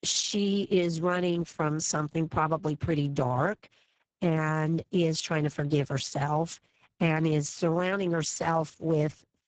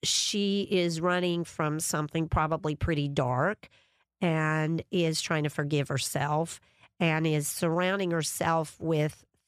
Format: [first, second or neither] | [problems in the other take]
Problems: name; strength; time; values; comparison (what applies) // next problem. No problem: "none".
second | garbled, watery; badly; nothing above 7.5 kHz